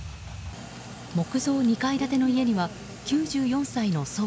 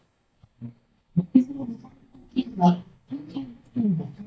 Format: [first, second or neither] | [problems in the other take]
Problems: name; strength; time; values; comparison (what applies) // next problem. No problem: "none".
first | noise reduction (neural mask model DeepFilterNet 3)